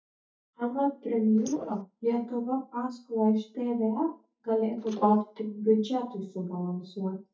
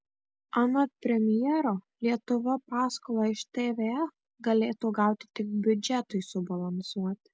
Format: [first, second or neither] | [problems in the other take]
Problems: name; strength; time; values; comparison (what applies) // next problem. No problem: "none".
second | noise reduction (neural mask model DeepFilterNet 3)